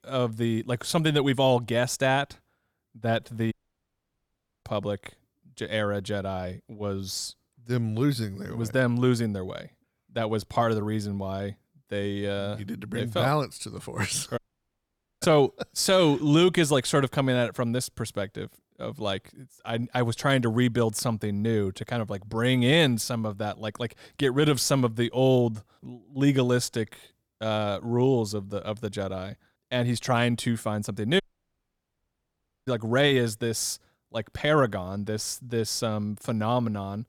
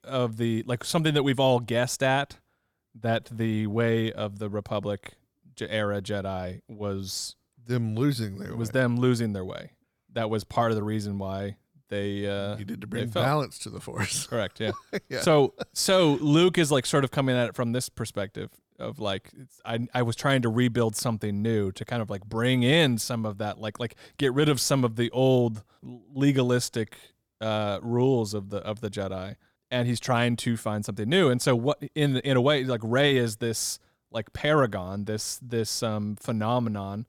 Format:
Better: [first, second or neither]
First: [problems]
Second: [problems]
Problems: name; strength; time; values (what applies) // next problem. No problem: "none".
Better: second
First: audio cutting out; at 3.5 s for 1 s, at 14 s for 1 s and at 31 s for 1.5 s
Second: none